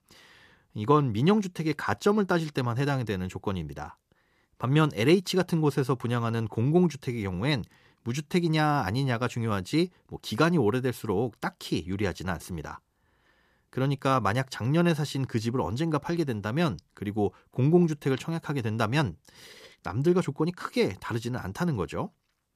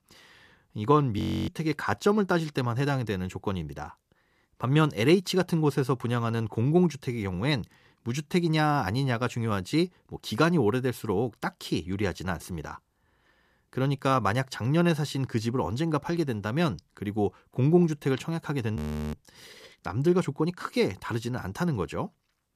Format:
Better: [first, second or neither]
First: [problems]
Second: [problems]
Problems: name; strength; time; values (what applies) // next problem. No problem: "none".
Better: first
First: none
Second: audio freezing; at 1 s and at 19 s